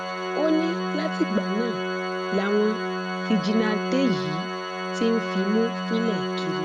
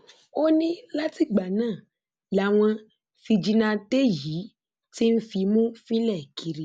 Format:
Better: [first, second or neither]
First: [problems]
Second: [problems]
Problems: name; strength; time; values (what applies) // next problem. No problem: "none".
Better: second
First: background sound (Organ); 2 dB below the speech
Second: none